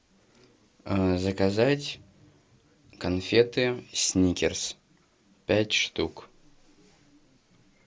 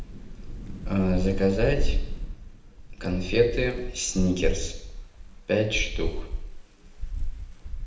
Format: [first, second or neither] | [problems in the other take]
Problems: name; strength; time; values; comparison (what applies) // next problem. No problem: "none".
first | background sound (Thunder / Rain); 1 dB below the speech // room echo; dies away in 0.8 s